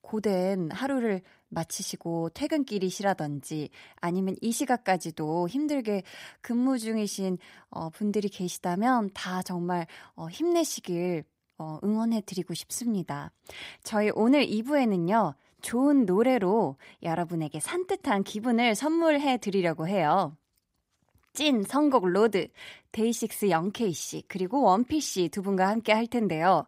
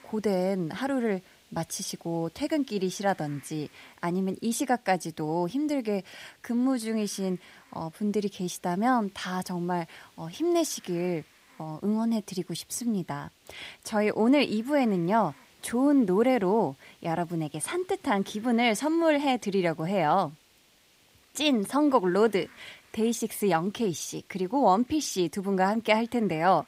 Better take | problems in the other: first | hiss; faint; throughout; 30 dB below the speech

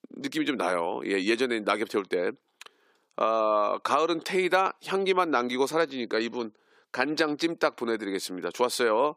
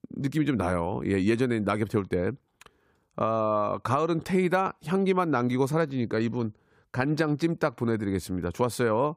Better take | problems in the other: second | thin; somewhat; fading below 300 Hz

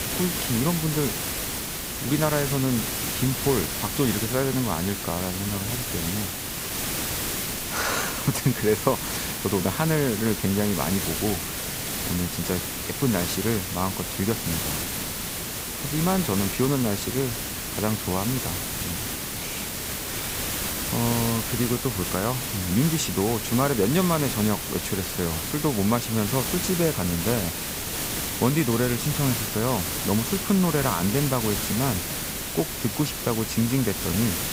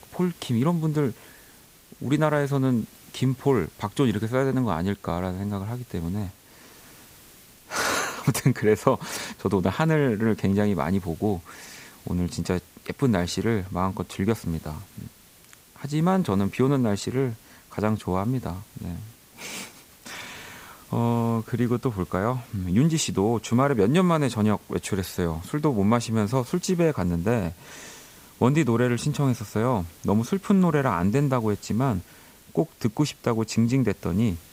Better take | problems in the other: second | hiss; loud; throughout; 2 dB below the speech; faint in the second

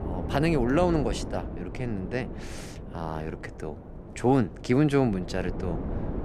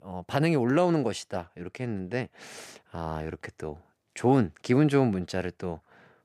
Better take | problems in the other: second | wind noise on the microphone; occasional gusts; 10 dB below the speech

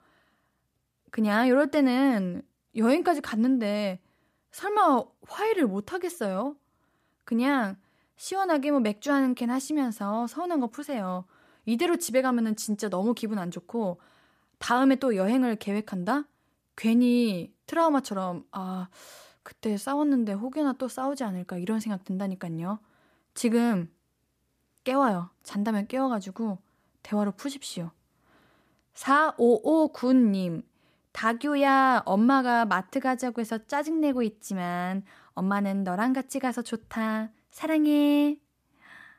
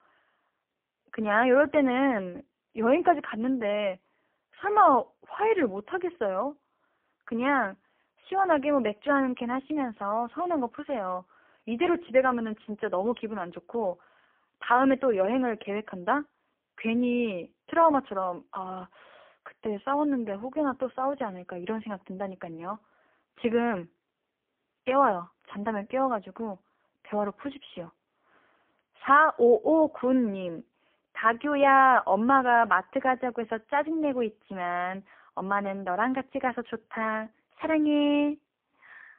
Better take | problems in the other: first | phone-call audio; poor line; nothing above 3 kHz

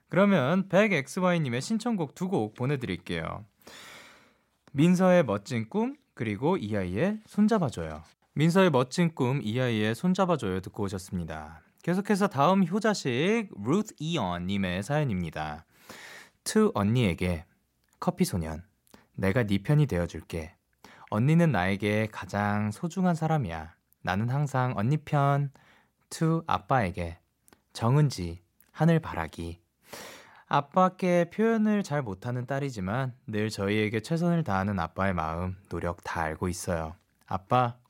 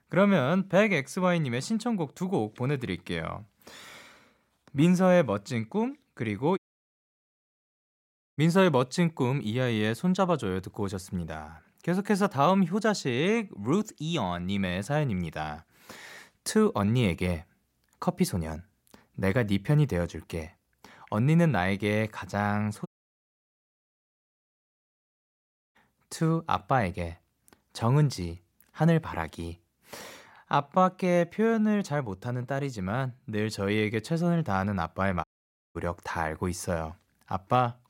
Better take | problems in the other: first | audio cutting out; at 6.5 s for 2 s, at 23 s for 3 s and at 35 s for 0.5 s

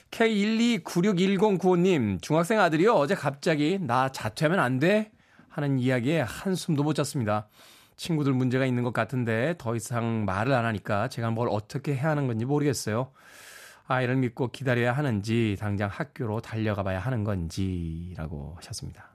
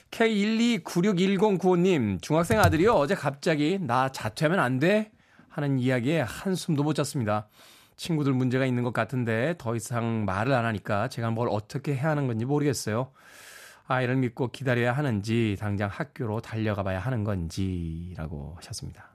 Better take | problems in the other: first | keyboard typing; noticeable; at 2.5 s; peak 2 dB below the speech

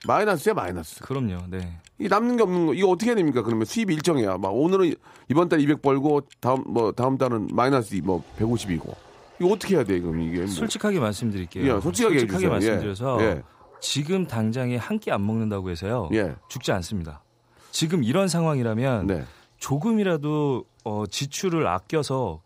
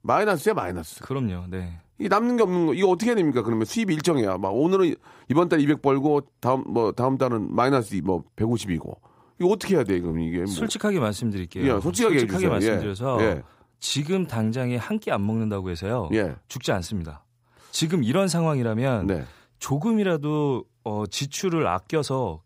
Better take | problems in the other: second | household noises; faint; throughout; 30 dB below the speech

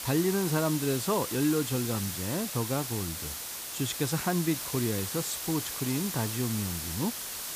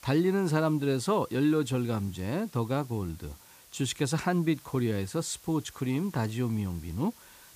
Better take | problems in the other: second | hiss; loud; throughout; 3 dB below the speech; faint in the second

